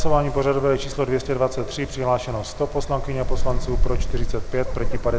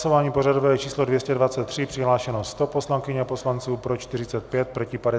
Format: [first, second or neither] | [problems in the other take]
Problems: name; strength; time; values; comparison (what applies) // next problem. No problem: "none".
second | background sound (Wind); 1 dB above the speech